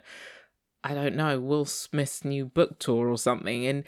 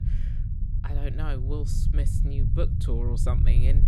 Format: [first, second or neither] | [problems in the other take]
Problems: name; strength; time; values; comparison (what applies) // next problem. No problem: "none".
first | low rumble; loud; throughout; 4 dB below the speech